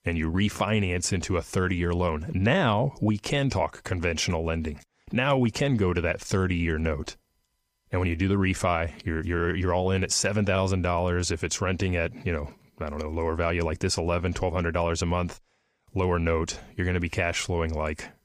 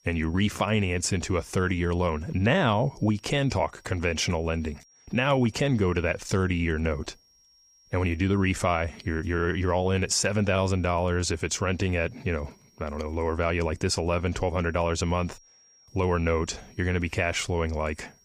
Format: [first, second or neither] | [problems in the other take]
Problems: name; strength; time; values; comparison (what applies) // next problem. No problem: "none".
first | high-pitched whine; faint; throughout; 5.5 kHz, 30 dB below the speech